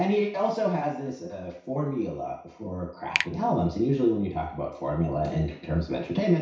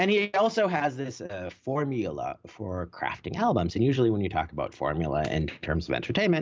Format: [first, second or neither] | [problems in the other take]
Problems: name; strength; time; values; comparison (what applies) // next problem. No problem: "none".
second | background sound (Finger snapping); 10 dB below the speech // room echo; dies away in 0.6 s